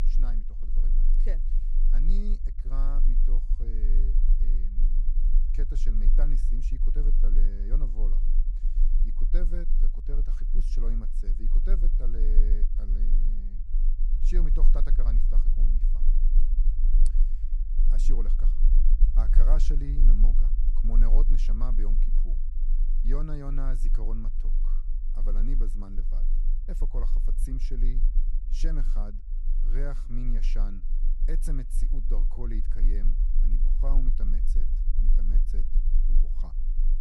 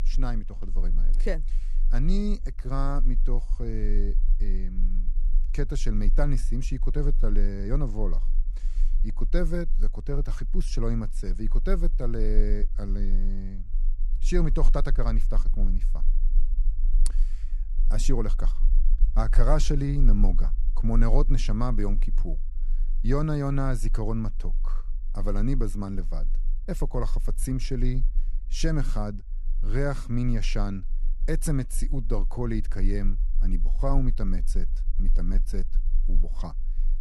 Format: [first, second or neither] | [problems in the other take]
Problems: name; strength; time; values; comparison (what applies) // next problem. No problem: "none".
second | low rumble; loud; throughout; 9 dB below the speech; faint in the second